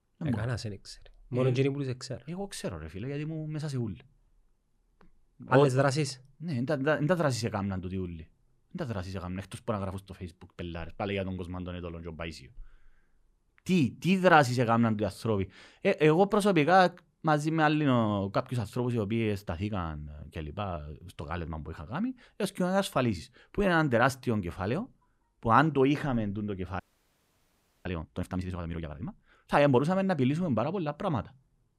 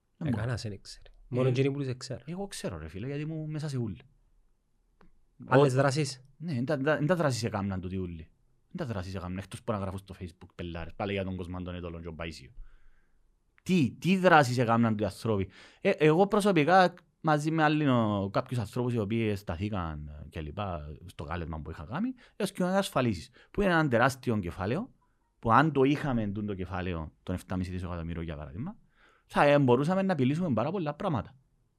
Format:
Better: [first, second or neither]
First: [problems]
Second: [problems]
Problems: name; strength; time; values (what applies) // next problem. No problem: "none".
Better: second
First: audio freezing; at 27 s for 1 s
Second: none